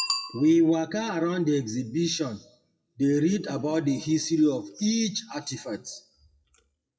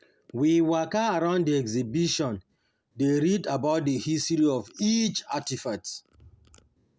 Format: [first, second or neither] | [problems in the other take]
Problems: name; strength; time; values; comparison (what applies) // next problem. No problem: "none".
second | noise reduction (classical method WPE with log-MMSE)